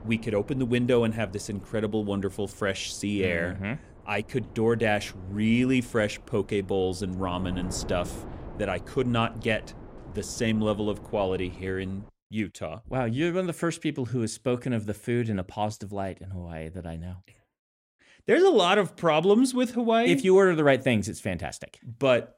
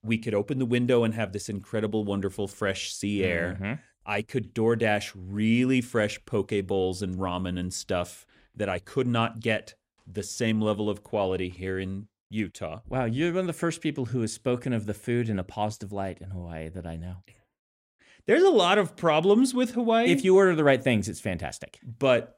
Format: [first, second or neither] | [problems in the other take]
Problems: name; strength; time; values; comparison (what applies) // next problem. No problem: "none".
second | wind noise on the microphone; occasional gusts; until 12 s; 20 dB below the speech